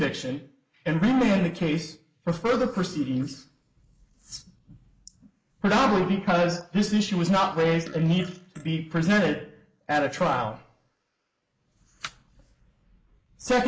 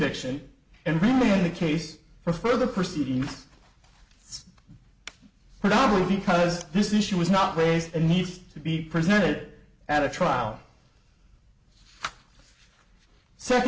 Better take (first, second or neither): second